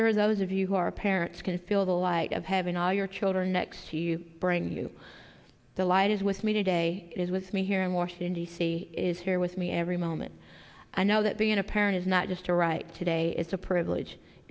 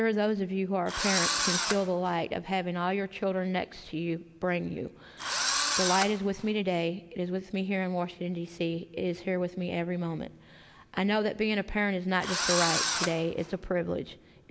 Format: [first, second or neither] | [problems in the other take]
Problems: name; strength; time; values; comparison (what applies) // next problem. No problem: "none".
first | background sound (Engine / Drill); 1 dB below the speech